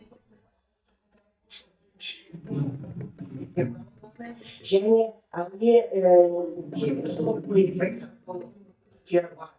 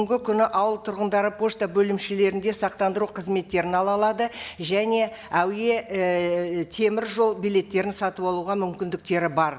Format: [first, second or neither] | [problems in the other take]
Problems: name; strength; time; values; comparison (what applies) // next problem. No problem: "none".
second | noise reduction (neural mask model DeepFilterNet 3)